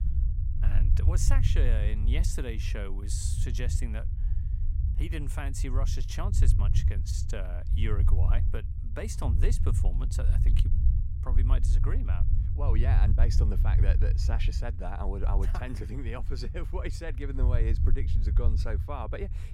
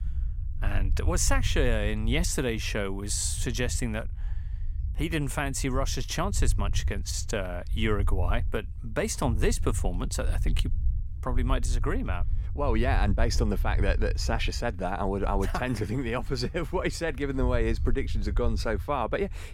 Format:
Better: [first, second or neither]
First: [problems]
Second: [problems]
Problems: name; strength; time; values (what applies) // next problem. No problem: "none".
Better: second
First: low rumble; loud; throughout; 6 dB below the speech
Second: low rumble; faint; throughout; 20 dB below the speech